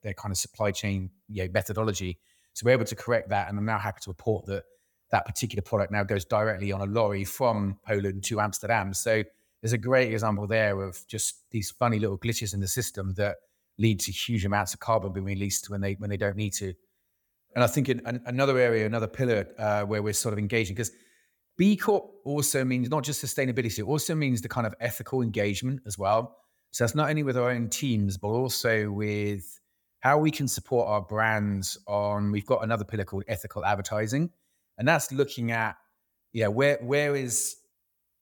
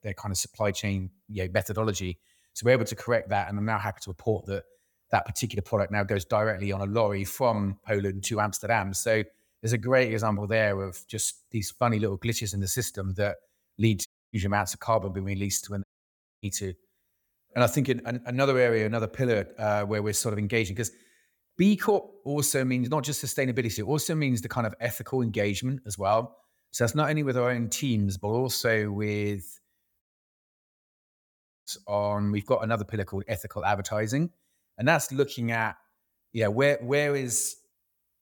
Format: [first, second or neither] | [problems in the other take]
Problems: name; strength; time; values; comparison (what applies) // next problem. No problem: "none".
first | audio cutting out; at 14 s, at 16 s for 0.5 s and at 30 s for 1.5 s